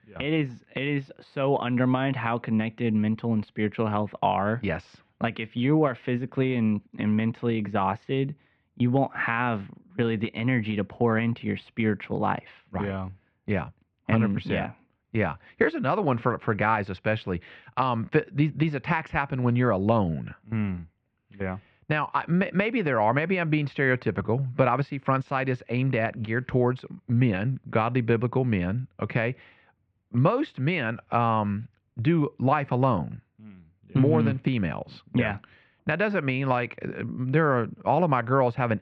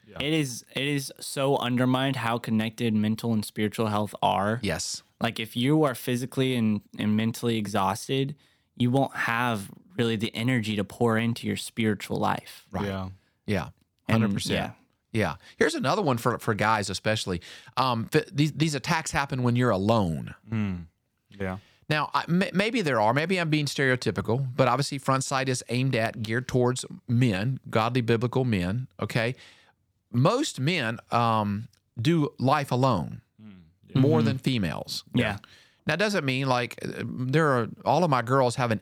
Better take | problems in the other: second | muffled; very; fading above 2.5 kHz

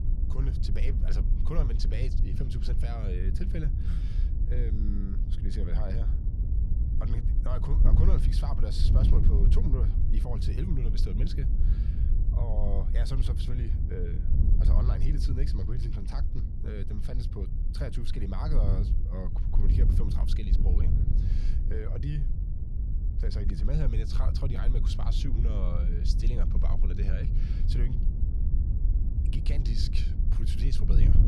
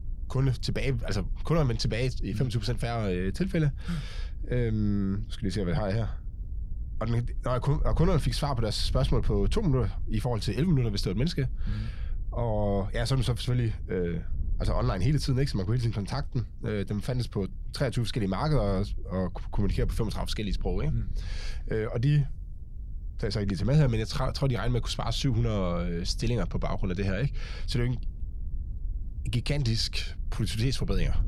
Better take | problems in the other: second | wind noise on the microphone; heavy; 3 dB below the speech; occasional gusts in the second

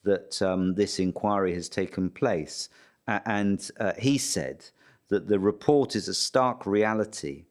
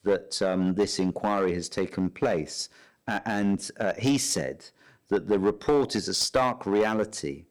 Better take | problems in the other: first | distortion; slight; 4% of the sound clipped

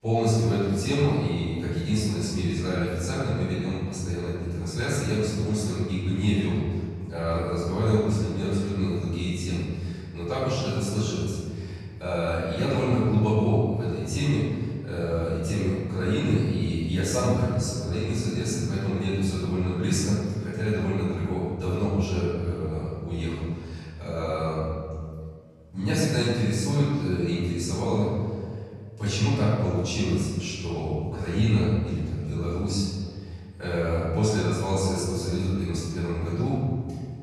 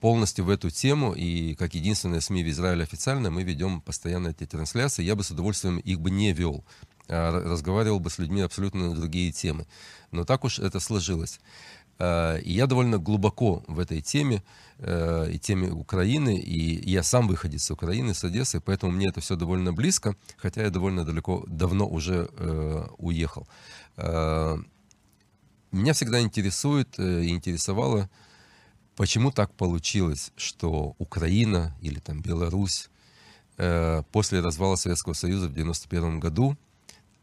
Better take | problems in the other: second | room echo; strong; dies away in 1.9 s // off-mic speech; far

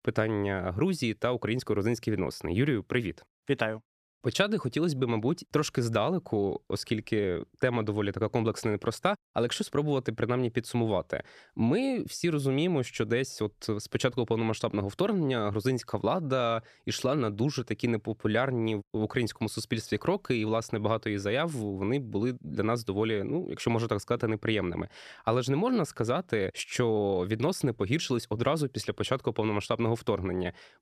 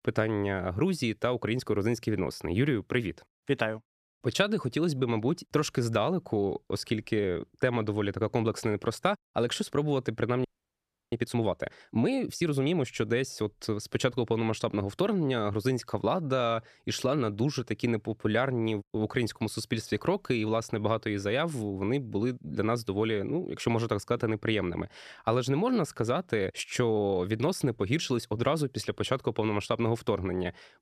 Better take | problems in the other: first | audio freezing; at 10 s for 0.5 s

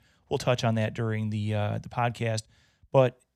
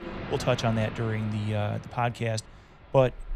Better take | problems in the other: first | train or aircraft noise; noticeable; throughout; 15 dB below the speech

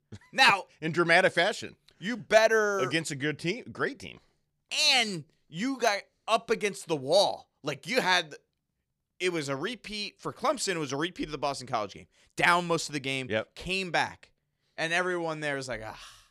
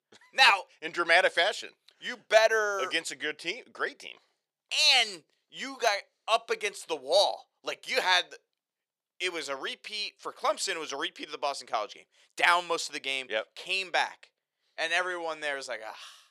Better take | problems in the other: first | thin; very; fading below 600 Hz

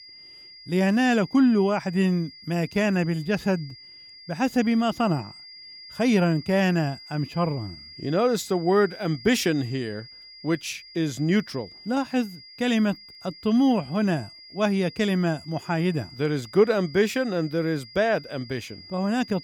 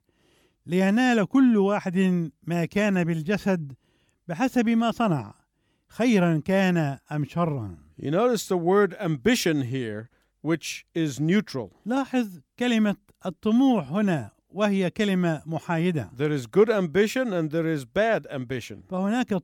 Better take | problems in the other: second | high-pitched whine; noticeable; throughout; 5 kHz, 20 dB below the speech

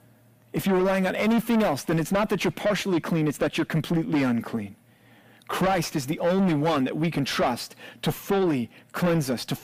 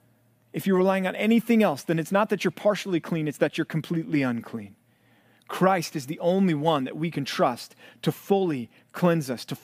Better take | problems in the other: second | distortion; heavy; 7 dB below the speech

